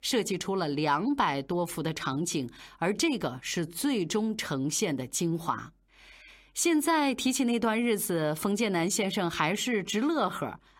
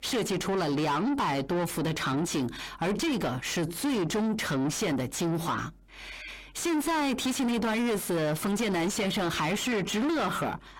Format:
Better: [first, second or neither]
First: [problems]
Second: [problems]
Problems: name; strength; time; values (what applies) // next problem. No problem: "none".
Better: first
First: none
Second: distortion; heavy; 6 dB below the speech